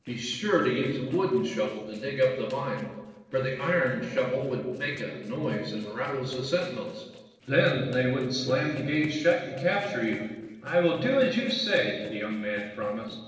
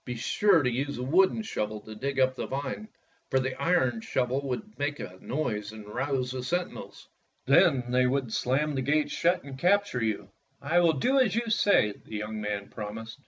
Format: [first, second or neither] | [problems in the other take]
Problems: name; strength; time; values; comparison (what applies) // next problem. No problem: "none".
second | noise reduction (neural separator model SepFormer DNS4)